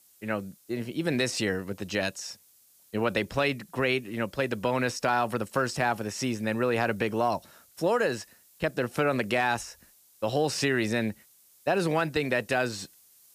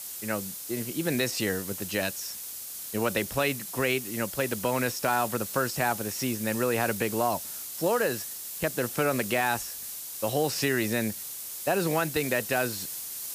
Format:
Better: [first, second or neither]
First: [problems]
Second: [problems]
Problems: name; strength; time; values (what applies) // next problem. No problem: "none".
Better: first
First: hiss; faint; throughout; 30 dB below the speech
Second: hiss; loud; throughout; 6 dB below the speech